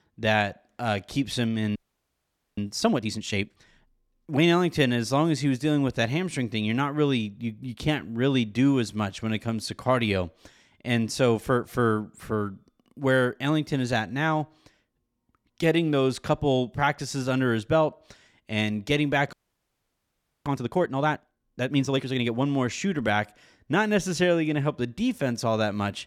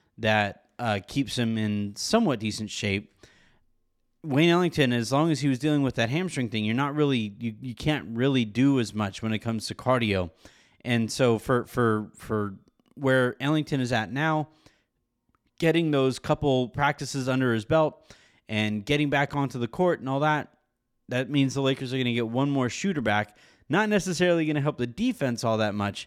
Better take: second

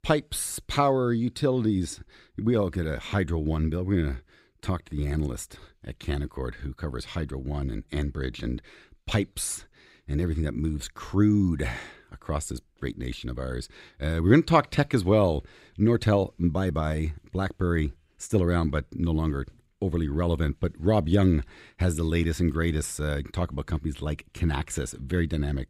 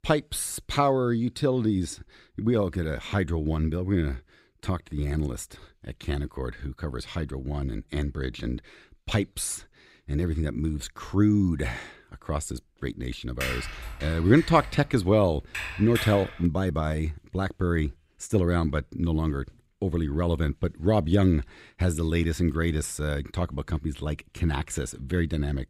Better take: first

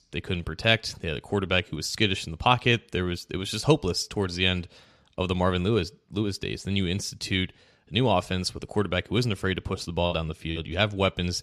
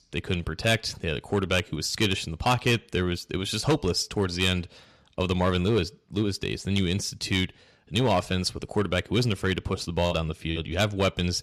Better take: first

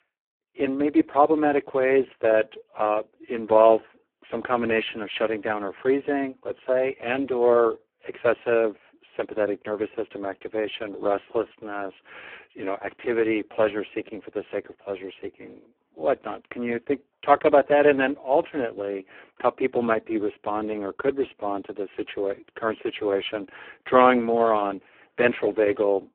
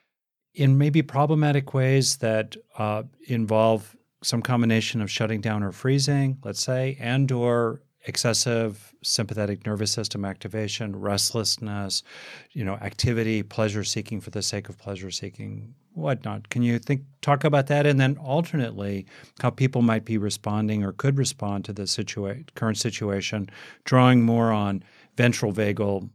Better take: second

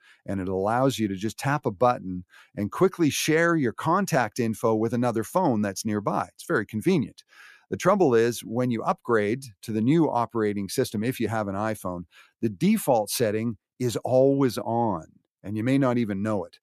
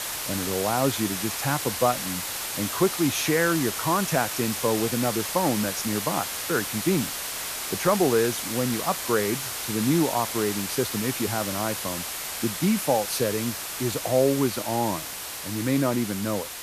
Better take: first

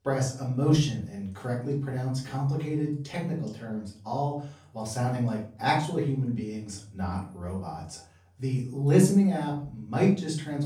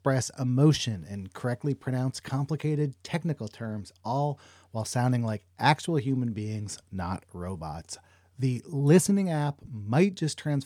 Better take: second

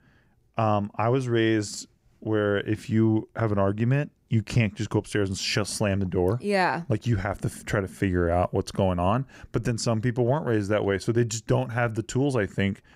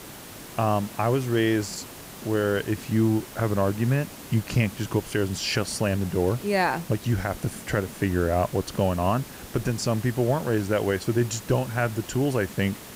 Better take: first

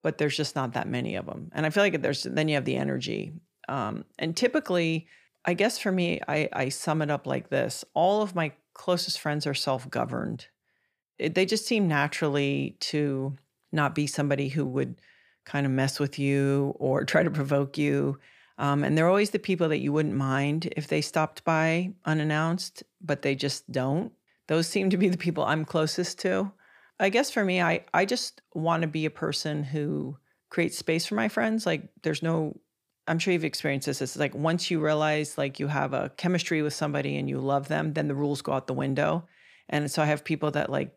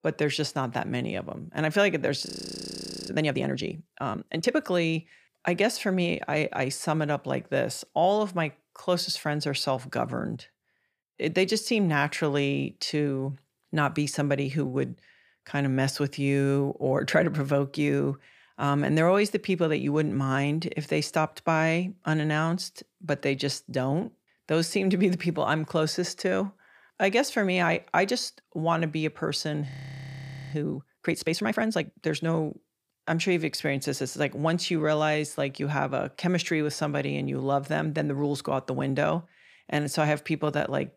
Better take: first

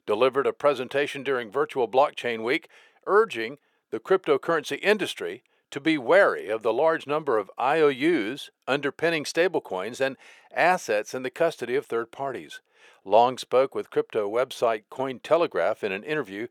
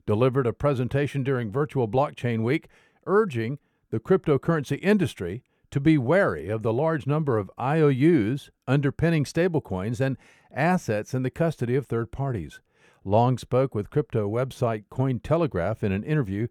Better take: second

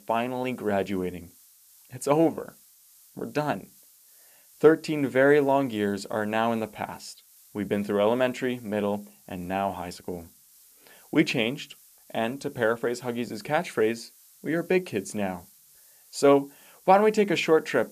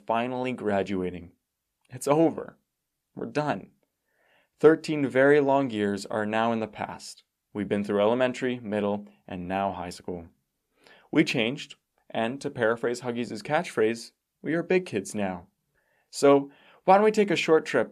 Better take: second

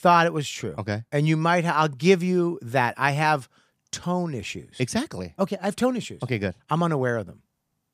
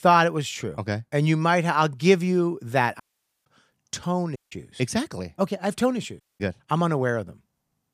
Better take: first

